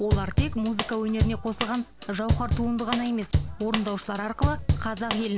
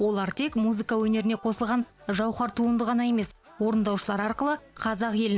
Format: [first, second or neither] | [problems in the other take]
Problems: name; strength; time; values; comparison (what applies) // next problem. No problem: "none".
second | background sound (Drum / Drum kit); as loud as the speech